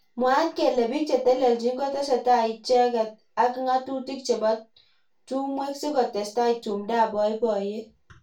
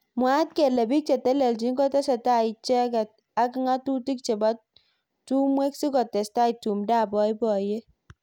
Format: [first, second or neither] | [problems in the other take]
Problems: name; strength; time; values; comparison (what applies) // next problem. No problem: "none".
second | room echo; dies away in 0.2 s